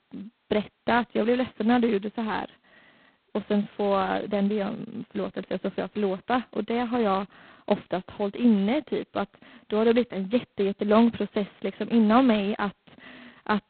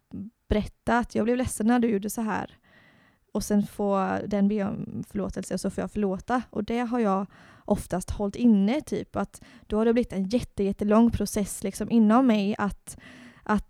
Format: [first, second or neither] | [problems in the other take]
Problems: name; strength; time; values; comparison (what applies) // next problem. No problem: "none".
second | phone-call audio; poor line; nothing above 4 kHz